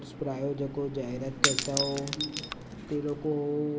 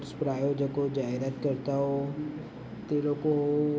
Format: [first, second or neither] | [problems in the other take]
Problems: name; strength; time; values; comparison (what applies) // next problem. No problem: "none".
second | background sound (Shatter / Crushing); 2 dB below the speech